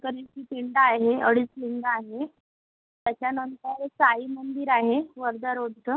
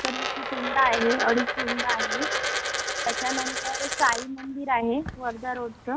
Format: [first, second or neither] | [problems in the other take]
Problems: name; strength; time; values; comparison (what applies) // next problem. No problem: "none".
first | background sound (Coin (dropping)); 2 dB below the speech